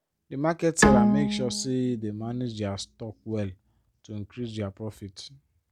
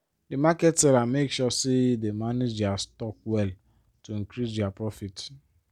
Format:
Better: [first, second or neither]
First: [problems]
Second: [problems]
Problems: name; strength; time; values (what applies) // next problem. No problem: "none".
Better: second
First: background sound (Bowed string instrument); 3 dB above the speech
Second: none